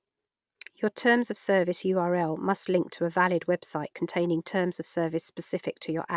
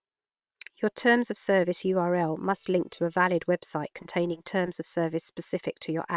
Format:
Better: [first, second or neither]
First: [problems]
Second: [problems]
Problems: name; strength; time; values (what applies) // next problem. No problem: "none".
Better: first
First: none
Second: noise reduction (neural separator model SepFormer WHAM!)